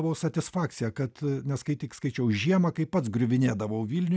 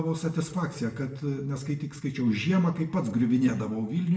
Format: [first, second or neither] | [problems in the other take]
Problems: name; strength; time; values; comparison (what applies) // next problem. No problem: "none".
first | room echo; dies away in 0.6 s